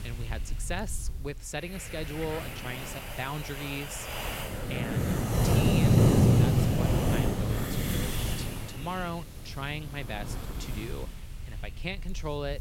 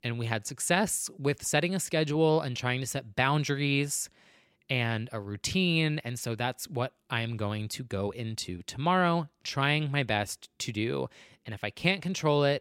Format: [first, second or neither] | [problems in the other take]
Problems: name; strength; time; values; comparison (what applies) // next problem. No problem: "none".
second | wind noise on the microphone; heavy; 4 dB above the speech